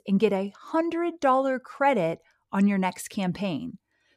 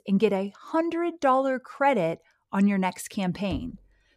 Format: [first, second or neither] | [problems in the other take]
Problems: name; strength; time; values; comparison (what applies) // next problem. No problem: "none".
first | door banging; faint; at 3.5 s; peak 15 dB below the speech